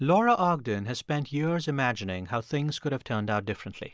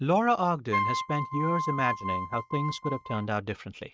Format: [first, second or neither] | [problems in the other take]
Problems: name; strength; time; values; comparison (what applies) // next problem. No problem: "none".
first | noise reduction (neural mask model RNNoise)